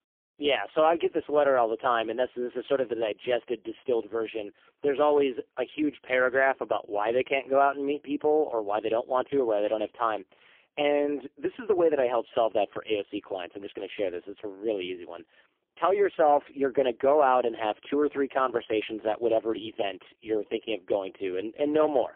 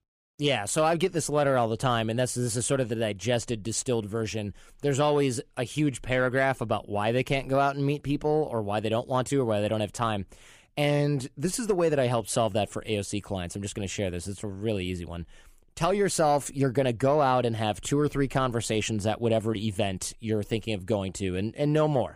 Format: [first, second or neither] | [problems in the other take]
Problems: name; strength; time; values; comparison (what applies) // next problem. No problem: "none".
second | phone-call audio; poor line; nothing above 3.5 kHz